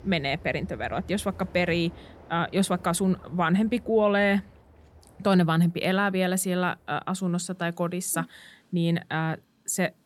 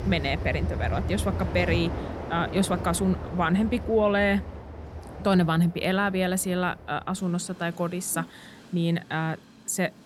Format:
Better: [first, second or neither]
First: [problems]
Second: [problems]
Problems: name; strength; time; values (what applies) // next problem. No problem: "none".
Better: first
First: train or aircraft noise; faint; throughout; 20 dB below the speech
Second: train or aircraft noise; loud; throughout; 8 dB below the speech